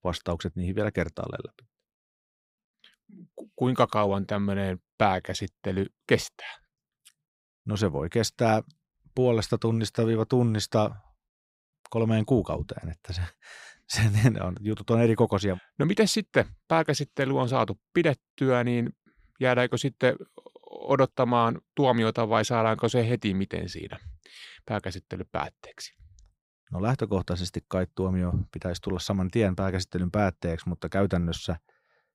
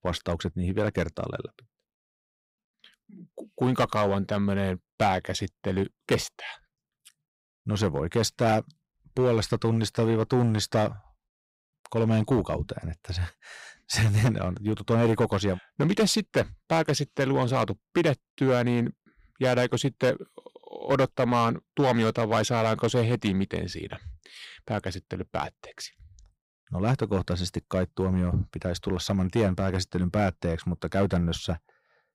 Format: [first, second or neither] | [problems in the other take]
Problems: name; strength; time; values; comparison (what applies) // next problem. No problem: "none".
first | distortion; slight; 4% of the sound clipped